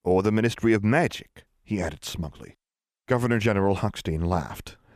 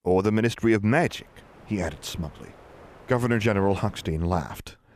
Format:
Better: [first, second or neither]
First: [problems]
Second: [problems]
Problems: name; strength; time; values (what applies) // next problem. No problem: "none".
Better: first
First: none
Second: wind noise on the microphone; occasional gusts; from 1 to 4 s; 25 dB below the speech